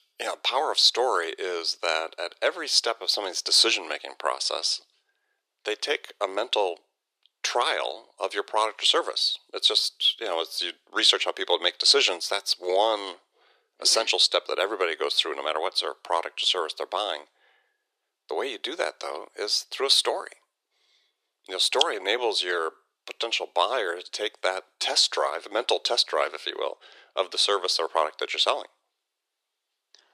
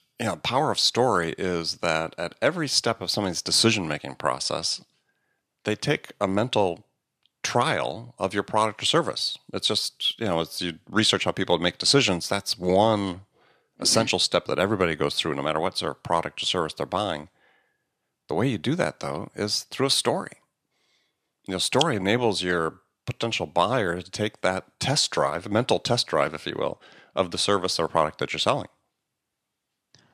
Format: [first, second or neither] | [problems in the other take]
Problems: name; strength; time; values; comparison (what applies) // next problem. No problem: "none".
second | thin; very; fading below 400 Hz